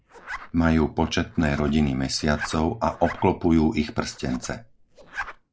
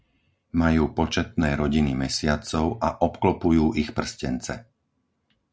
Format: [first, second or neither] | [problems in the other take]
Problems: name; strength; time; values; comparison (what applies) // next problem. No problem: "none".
second | noise reduction (neural mask model Resemble Enhance denoiser)